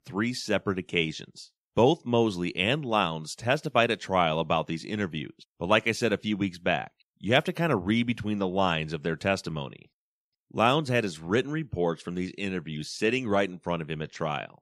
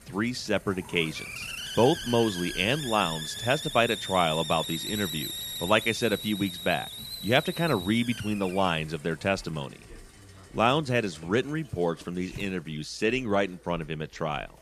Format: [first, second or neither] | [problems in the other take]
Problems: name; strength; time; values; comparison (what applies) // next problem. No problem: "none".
first | hiss; loud; throughout; 7 dB below the speech